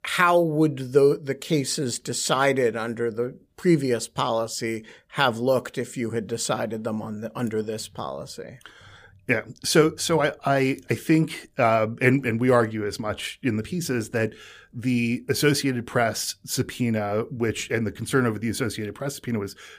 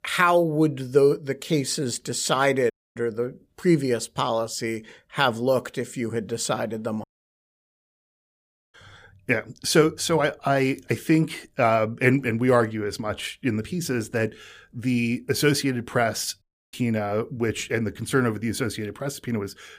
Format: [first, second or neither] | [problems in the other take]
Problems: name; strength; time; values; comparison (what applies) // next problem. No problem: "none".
first | audio cutting out; at 2.5 s, at 7 s for 1.5 s and at 16 s